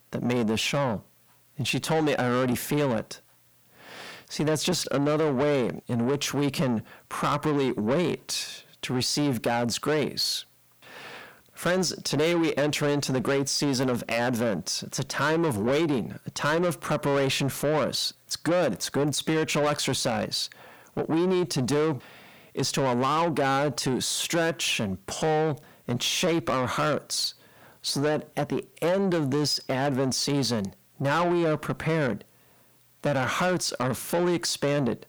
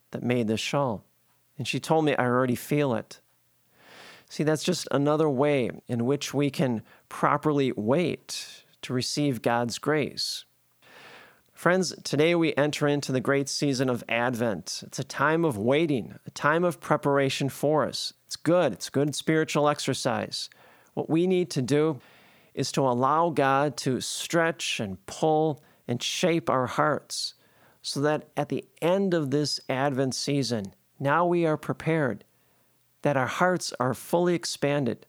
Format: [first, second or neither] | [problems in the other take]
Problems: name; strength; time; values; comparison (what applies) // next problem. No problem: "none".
second | distortion; heavy; 8 dB below the speech